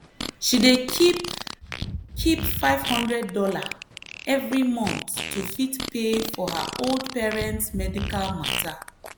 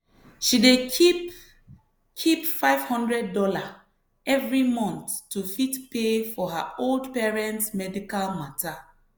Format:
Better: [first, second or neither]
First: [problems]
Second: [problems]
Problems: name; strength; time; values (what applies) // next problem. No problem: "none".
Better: second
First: background sound (Fart); 7 dB below the speech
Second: none